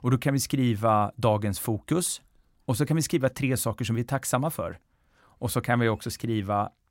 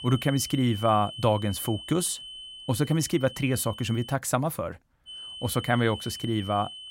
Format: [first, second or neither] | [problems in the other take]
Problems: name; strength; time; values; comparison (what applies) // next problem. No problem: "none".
first | high-pitched whine; noticeable; until 4 s and from 5 s on; 3 kHz, 10 dB below the speech